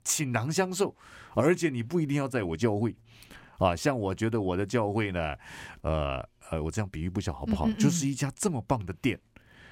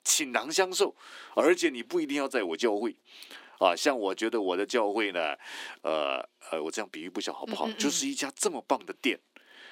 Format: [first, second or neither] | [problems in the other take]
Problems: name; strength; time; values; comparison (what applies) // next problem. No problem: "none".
first | thin; somewhat; fading below 300 Hz